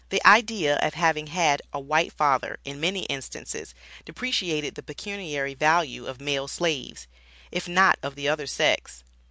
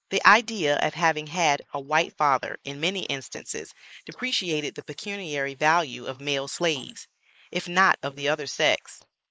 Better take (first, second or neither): first